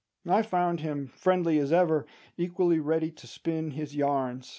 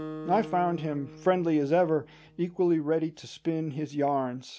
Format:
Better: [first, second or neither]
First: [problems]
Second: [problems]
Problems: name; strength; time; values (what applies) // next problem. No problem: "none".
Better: first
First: none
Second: background sound (Acoustic guitar); 17 dB below the speech